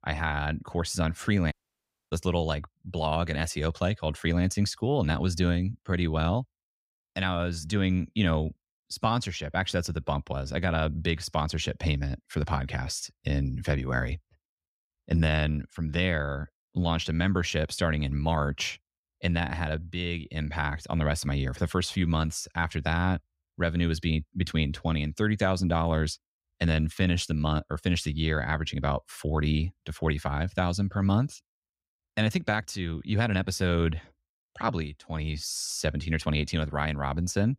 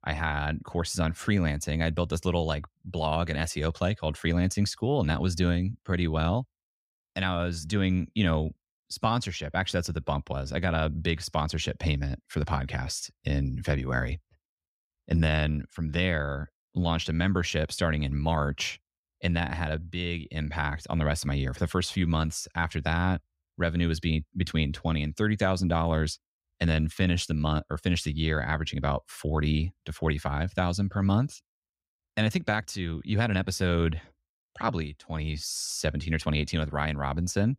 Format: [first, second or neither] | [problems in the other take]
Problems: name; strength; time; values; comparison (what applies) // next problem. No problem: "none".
second | audio cutting out; at 1.5 s for 0.5 s